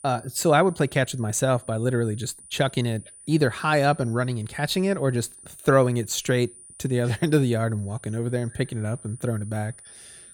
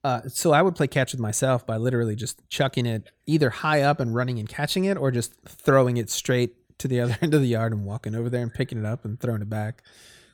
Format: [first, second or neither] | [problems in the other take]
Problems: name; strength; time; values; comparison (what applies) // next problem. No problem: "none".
second | high-pitched whine; noticeable; throughout; 9.5 kHz, 20 dB below the speech